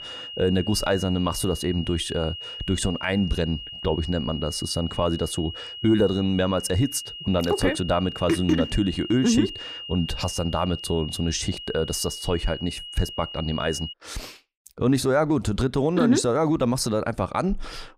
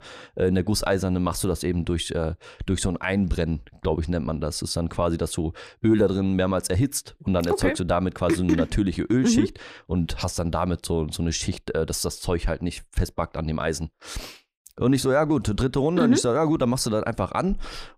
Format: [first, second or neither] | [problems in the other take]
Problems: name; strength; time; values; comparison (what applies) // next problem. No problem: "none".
second | high-pitched whine; noticeable; until 14 s; 3 kHz, 10 dB below the speech